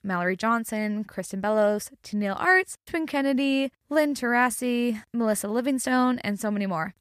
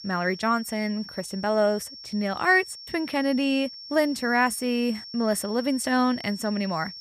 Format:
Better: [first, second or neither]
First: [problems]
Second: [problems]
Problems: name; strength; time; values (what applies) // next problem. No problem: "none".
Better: first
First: none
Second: high-pitched whine; noticeable; throughout; 5.5 kHz, 15 dB below the speech